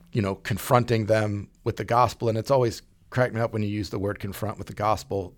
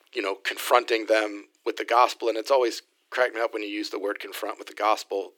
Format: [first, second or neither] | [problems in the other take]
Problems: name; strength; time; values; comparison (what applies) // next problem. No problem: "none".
first | thin; very; fading below 300 Hz